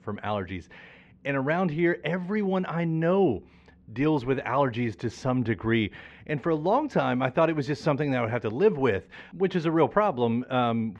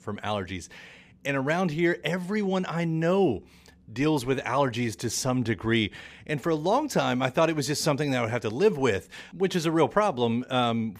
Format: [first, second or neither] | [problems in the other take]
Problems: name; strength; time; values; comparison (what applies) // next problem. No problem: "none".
second | muffled; slightly; fading above 2.5 kHz